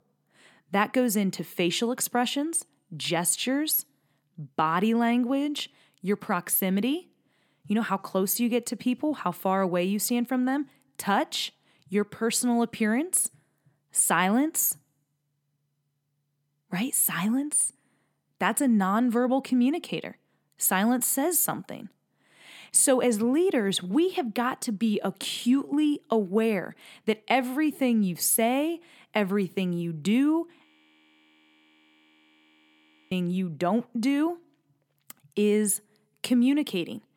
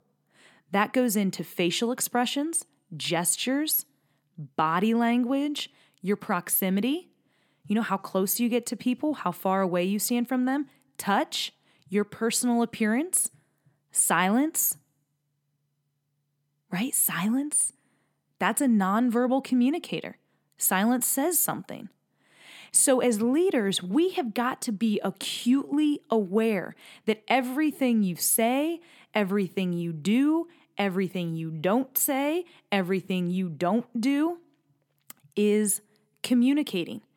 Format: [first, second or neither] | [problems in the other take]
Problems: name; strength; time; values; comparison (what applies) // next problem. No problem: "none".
second | audio freezing; at 31 s for 2.5 s